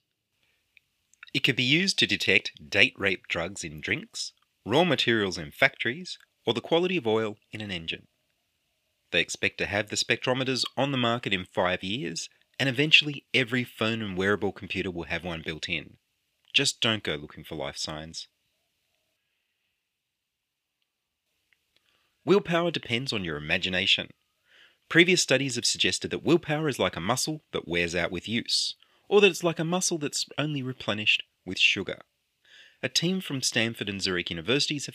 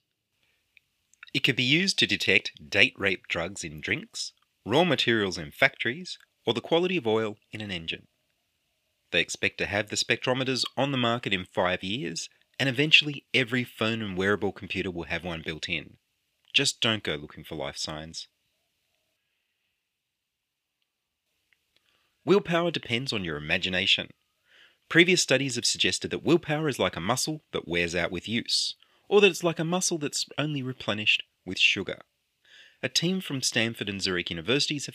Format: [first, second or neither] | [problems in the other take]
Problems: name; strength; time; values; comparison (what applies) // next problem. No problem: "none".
neither | thin; somewhat; fading below 850 Hz; the same in both